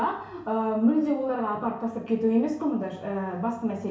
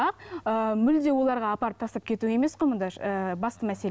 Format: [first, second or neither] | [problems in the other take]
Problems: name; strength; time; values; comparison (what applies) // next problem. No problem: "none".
second | room echo; dies away in 0.6 s